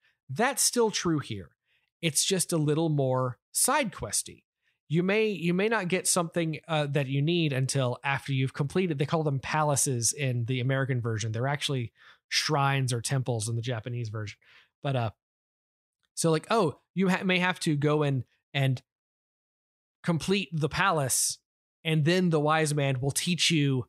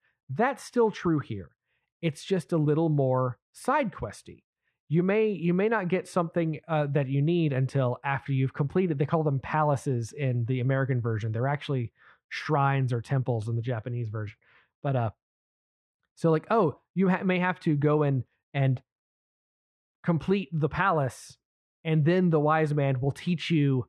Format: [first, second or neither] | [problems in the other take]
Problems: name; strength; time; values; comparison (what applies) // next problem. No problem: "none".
first | muffled; very; fading above 3.5 kHz